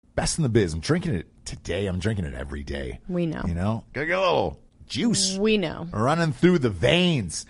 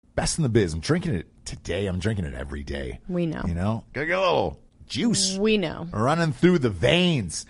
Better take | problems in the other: neither | garbled, watery; slightly; nothing above 11 kHz; the same in both

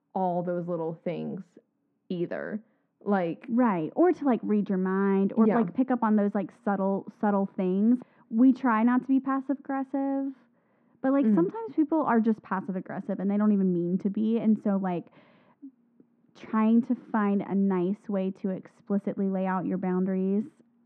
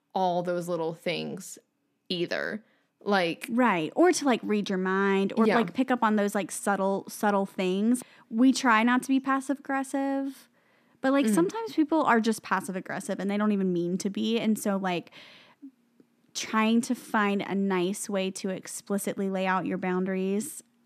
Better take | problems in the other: second | muffled; very; fading above 1 kHz

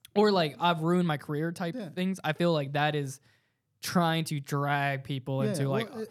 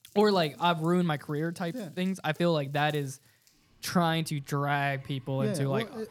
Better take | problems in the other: first | household noises; faint; throughout; 30 dB below the speech

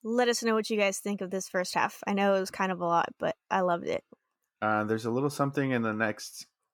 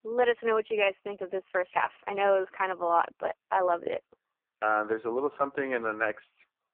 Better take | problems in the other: first | phone-call audio; poor line

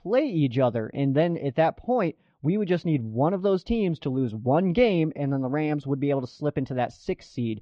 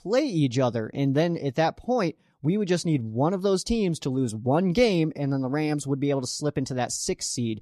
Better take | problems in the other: second | muffled; very; fading above 3 kHz

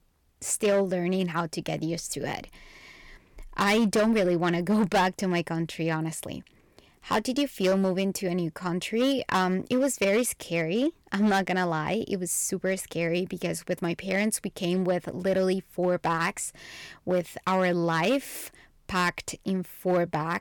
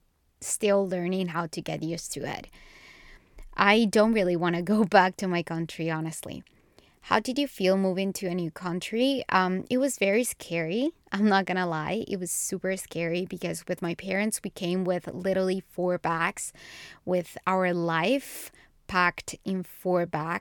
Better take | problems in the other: second | distortion; slight; 5% of the sound clipped

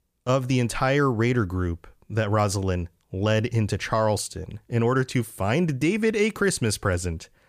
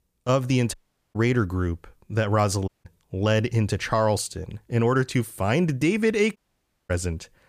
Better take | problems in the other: first | audio cutting out; at 0.5 s, at 2.5 s and at 6.5 s for 0.5 s

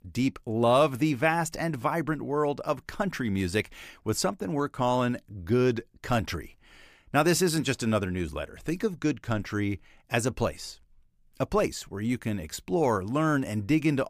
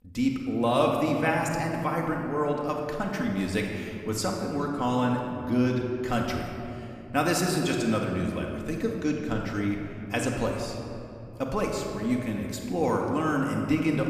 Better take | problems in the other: first | room echo; noticeable; dies away in 2.2 s // off-mic speech; somewhat distant

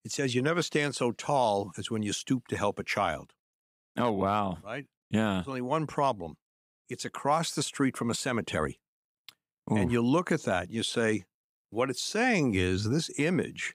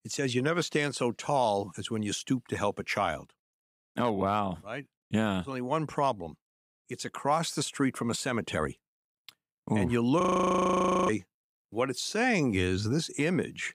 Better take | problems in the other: first | audio freezing; at 10 s for 1 s

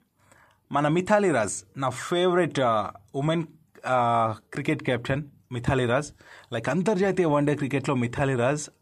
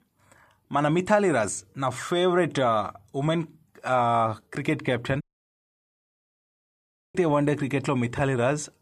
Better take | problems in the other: first | audio cutting out; at 5 s for 2 s

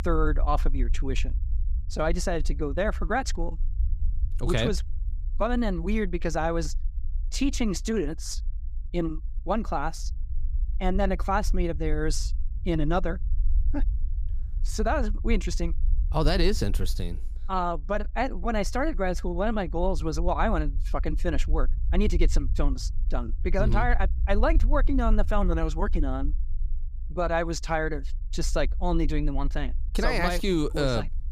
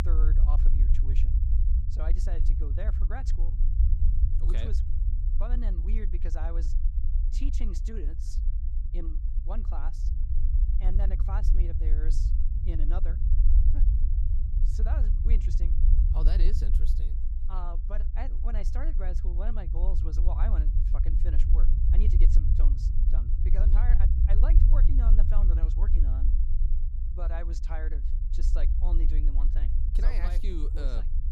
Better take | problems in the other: first | low rumble; loud; throughout; 4 dB below the speech; faint in the first

